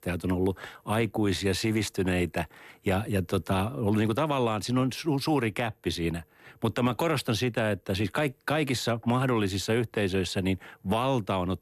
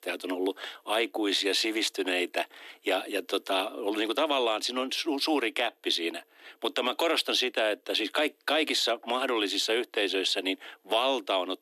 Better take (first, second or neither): first